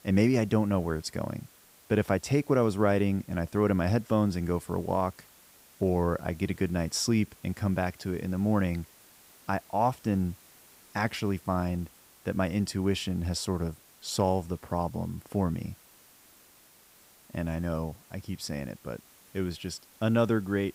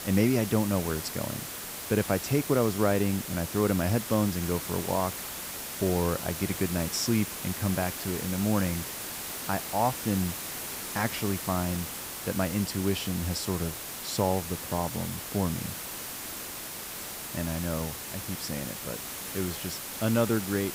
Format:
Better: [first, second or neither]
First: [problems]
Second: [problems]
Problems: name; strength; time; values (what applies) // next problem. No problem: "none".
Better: first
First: hiss; faint; throughout; 25 dB below the speech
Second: hiss; loud; throughout; 5 dB below the speech